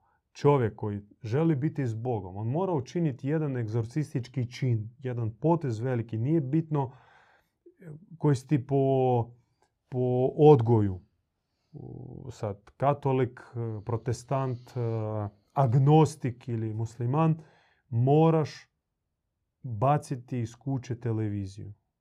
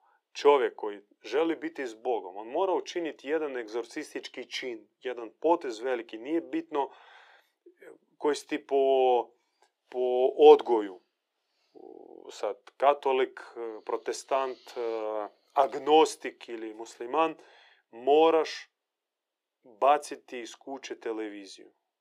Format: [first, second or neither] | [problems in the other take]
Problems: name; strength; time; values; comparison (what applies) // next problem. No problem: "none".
first | thin; very; fading below 350 Hz